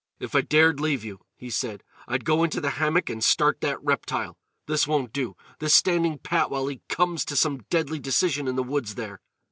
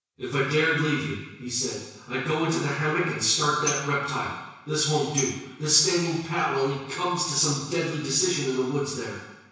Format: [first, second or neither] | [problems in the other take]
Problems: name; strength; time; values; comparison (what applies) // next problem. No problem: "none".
first | background sound (Tambourine); 11 dB below the speech // room echo; dies away in 1.1 s